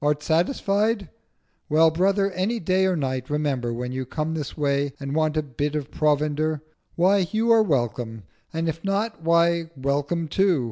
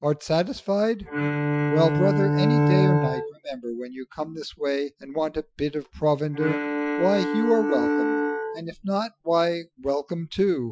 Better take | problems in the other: first | noise reduction (classical method Wiener filter)

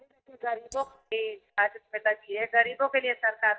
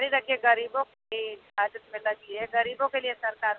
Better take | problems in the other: second | noise reduction (neural mask model DeepFilterNet 3)

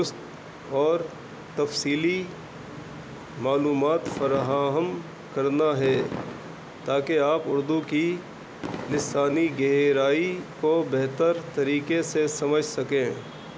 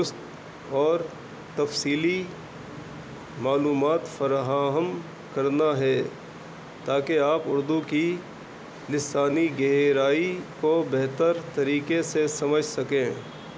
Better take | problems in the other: second | background sound (Fireworks); 12 dB below the speech

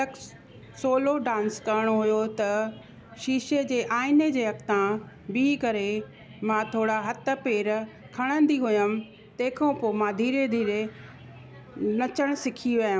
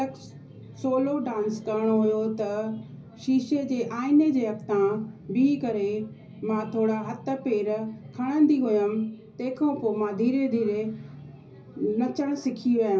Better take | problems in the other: first | room echo; dies away in 0.5 s

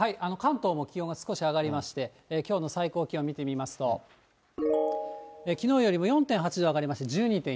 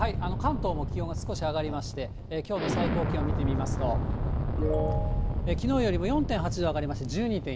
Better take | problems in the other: first | background sound (Explosion); 1 dB above the speech

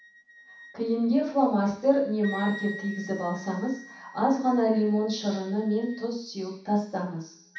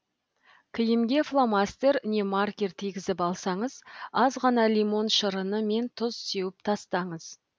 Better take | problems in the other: second | background sound (Wind instrument, woodwind instrument); 18 dB below the speech // room echo; dies away in 0.7 s

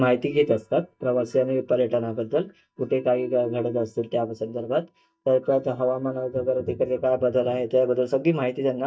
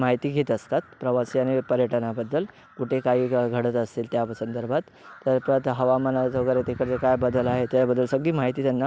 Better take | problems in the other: second | noise reduction (neural mask model DeepFilterNet 3)

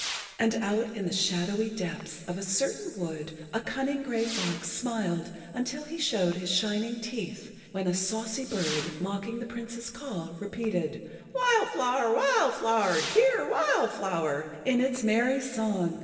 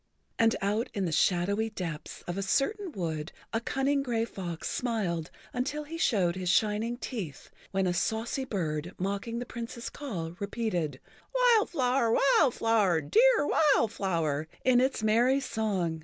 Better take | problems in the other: second | background sound (Whoosh, swoosh, swish / Fireworks); 15 dB below the speech // room echo; dies away in 1.9 s

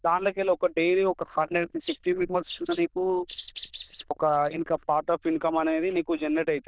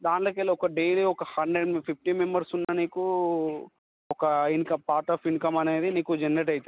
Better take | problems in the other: second | noise reduction (neural diffusion model UNIVERSE++)

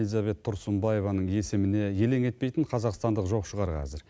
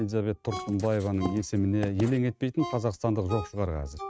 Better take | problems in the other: first | noise reduction (neural mask model RNNoise)

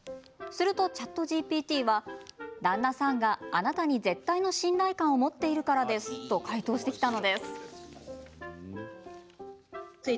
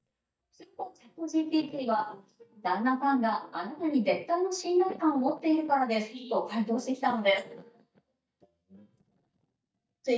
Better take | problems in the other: first | noise reduction (neural mask model DeepFilterNet 3)

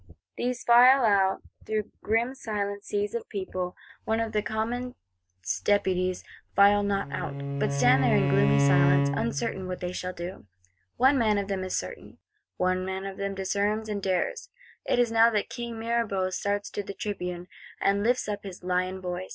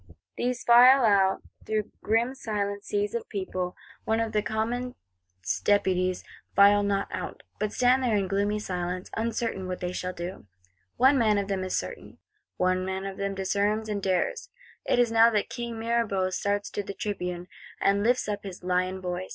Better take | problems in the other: second | background sound (Bowed string instrument); 1 dB above the speech

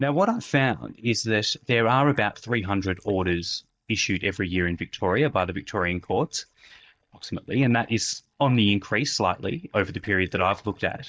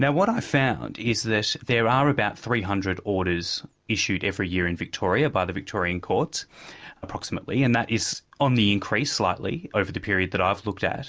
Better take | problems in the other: second | noise reduction (neural mask model DeepFilterNet 3)

